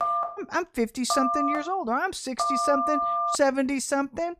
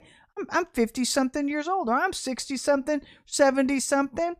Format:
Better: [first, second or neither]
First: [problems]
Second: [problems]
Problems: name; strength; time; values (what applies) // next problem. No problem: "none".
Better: second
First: phone ringing; loud; until 3.5 s; peak 3 dB above the speech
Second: none